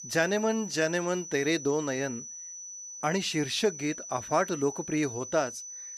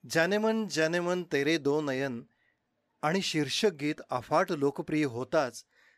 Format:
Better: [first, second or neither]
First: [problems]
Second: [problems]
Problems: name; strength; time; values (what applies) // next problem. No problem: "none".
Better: second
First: high-pitched whine; loud; throughout; 6 kHz, 10 dB below the speech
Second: none